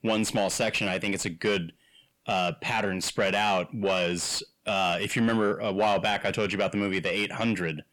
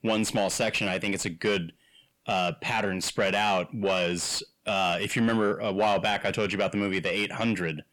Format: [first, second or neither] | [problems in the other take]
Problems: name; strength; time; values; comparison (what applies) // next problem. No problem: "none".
neither | distortion; slight; 10 dB below the speech; the same in both